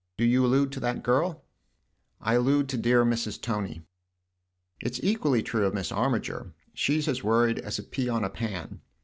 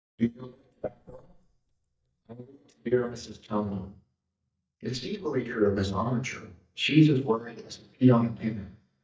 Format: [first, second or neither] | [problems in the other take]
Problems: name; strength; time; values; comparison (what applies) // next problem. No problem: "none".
first | noise reduction (neural mask model DeepFilterNet 3)